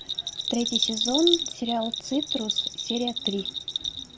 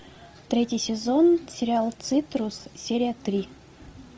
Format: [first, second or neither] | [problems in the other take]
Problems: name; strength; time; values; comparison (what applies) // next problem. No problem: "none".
second | background sound (Bell); 1 dB below the speech